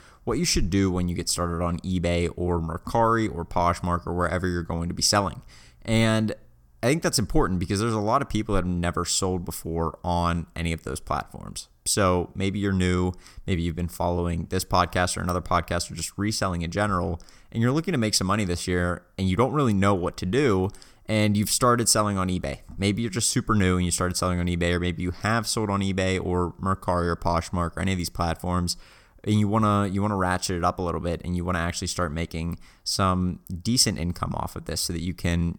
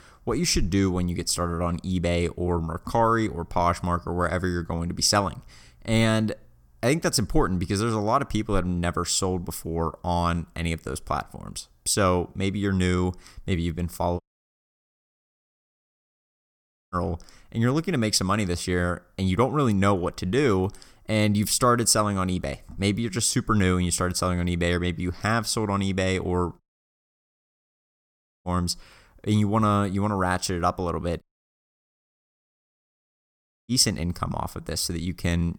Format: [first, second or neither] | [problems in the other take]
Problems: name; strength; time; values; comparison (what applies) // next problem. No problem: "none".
first | audio cutting out; at 14 s for 2.5 s, at 27 s for 2 s and at 31 s for 2.5 s